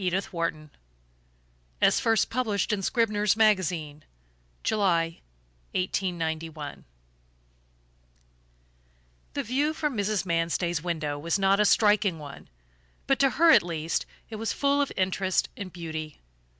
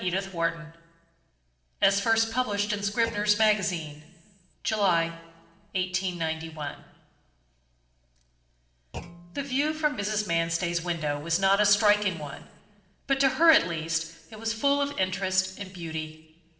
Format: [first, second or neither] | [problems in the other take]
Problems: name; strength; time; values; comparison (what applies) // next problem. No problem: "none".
first | noise reduction (neural separator model SepFormer DNS4)